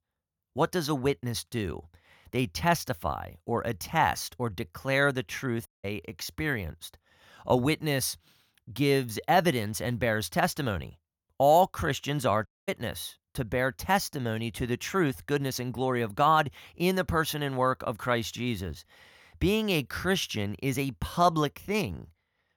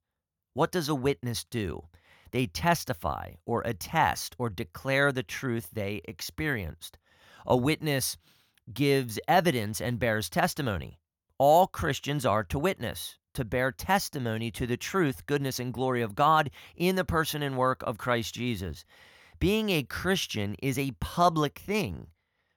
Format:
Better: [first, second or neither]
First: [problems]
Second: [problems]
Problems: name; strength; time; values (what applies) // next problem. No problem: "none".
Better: second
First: audio cutting out; at 5.5 s and at 12 s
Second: none